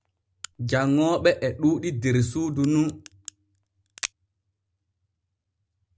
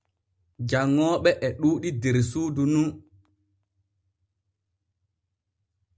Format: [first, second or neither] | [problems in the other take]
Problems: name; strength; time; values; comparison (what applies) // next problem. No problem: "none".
second | background sound (Crack); 18 dB below the speech